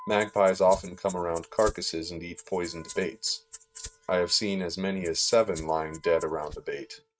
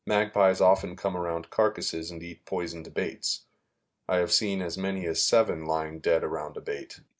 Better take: second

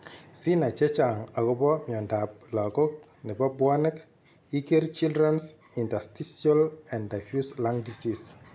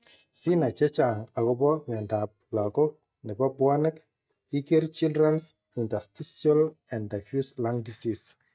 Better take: first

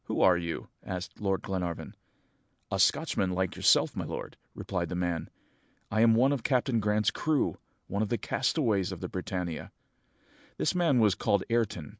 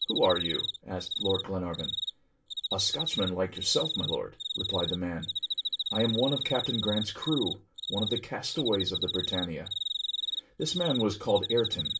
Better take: first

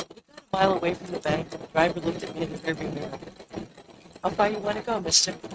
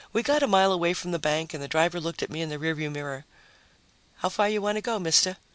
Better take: second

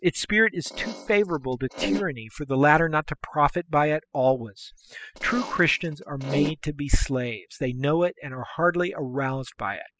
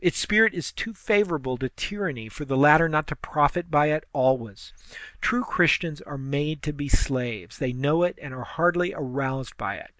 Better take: second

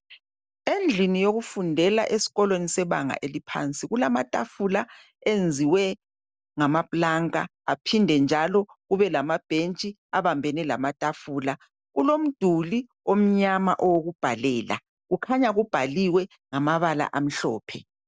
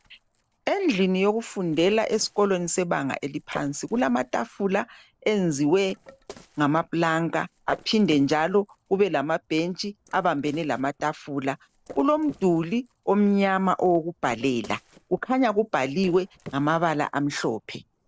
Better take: first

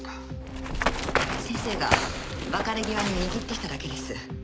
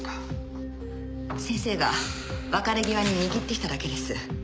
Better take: second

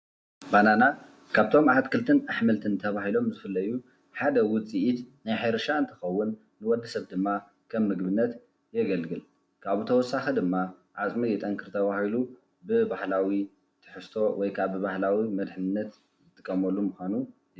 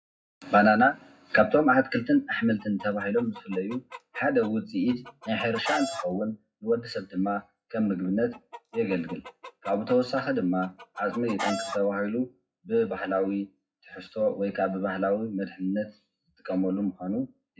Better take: first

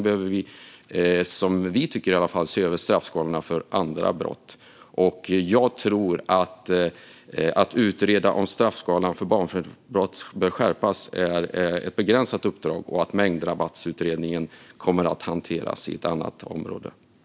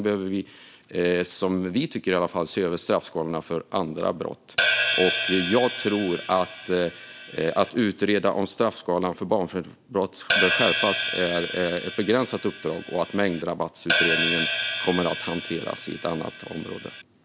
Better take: first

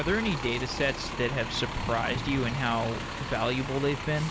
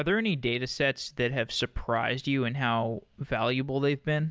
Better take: second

